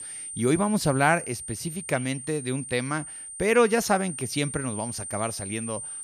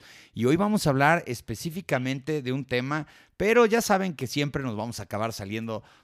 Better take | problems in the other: second | high-pitched whine; loud; throughout; 9 kHz, 8 dB below the speech

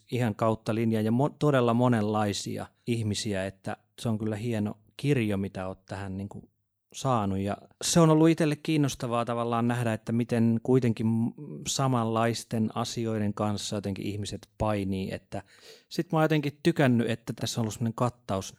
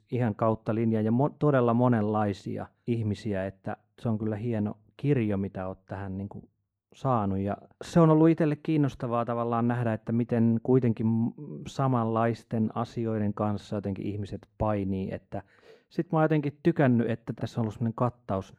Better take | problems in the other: first | muffled; very; fading above 3 kHz

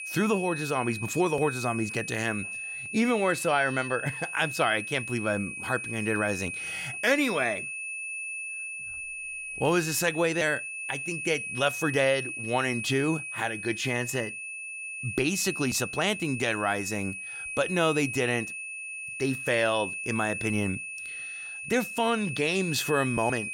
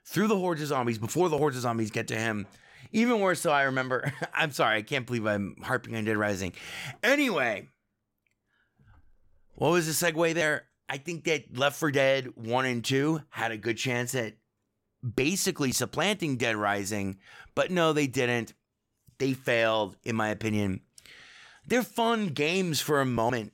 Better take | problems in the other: second | high-pitched whine; loud; throughout; 2.5 kHz, 6 dB below the speech

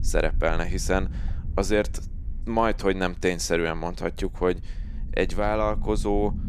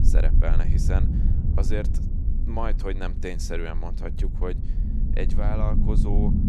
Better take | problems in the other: first | low rumble; loud; throughout; 6 dB below the speech; faint in the first

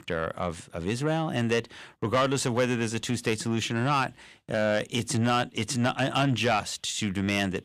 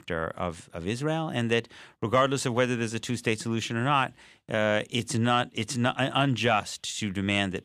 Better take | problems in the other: second | distortion; slight; 10 dB below the speech

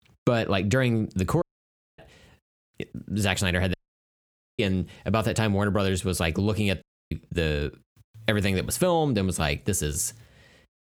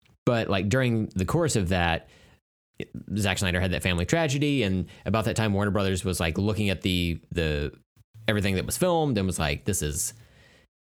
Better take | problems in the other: second | audio cutting out; at 1.5 s for 0.5 s, at 3.5 s for 1 s and at 7 s

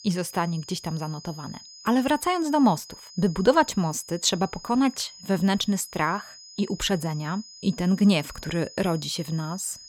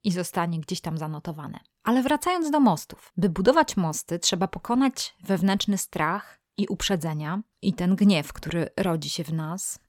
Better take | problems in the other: second | high-pitched whine; noticeable; throughout; 5 kHz, 20 dB below the speech

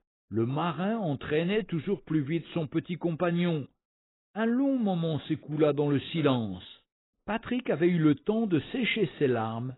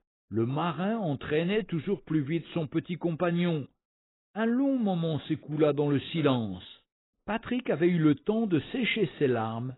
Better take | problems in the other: neither | garbled, watery; badly; nothing above 4 kHz; the same in both

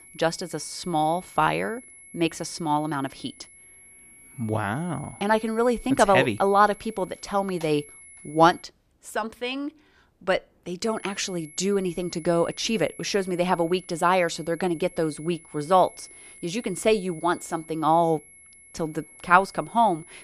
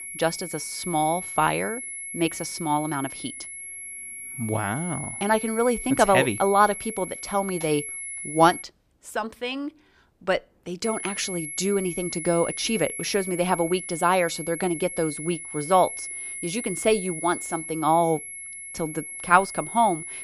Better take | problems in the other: first | high-pitched whine; loud; until 8.5 s and from 11 s on; 2 kHz, 8 dB below the speech; faint in the first

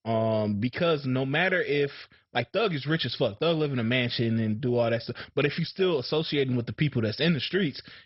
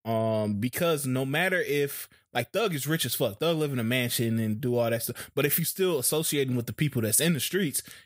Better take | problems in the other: second | garbled, watery; badly; nothing above 5.5 kHz

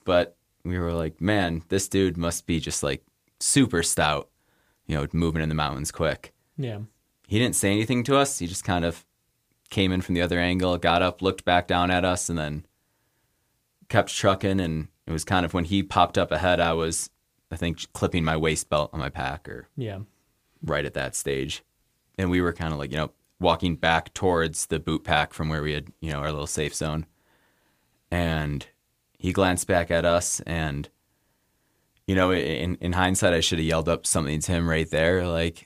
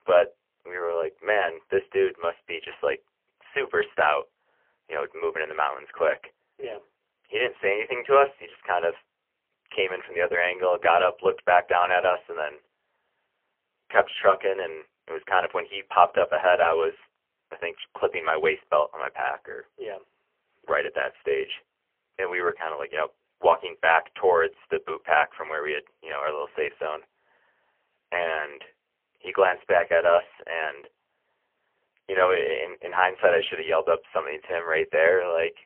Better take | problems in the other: first | phone-call audio; poor line; nothing above 3 kHz

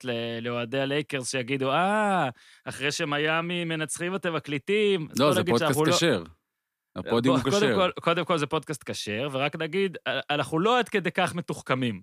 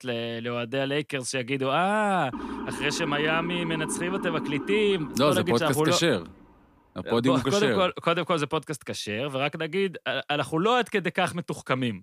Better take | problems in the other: first | siren; noticeable; from 2.5 to 6.5 s; peak 7 dB below the speech

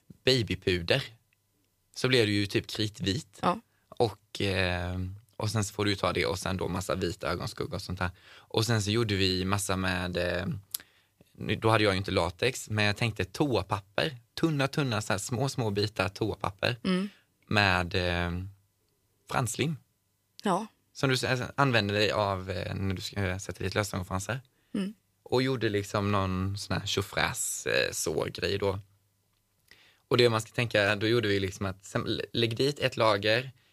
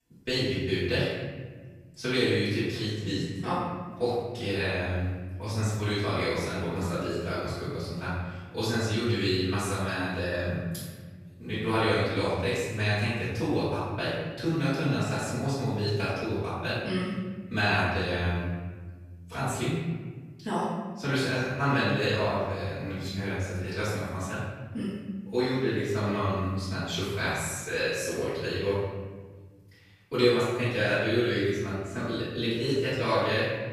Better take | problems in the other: first | off-mic speech; far // room echo; strong; dies away in 1.5 s

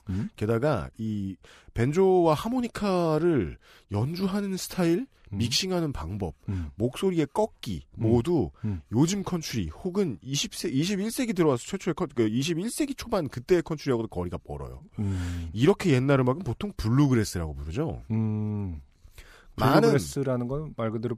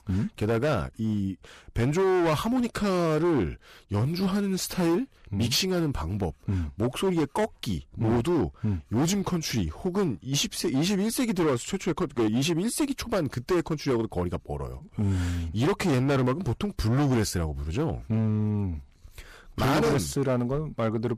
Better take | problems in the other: first | distortion; heavy; 13% of the sound clipped

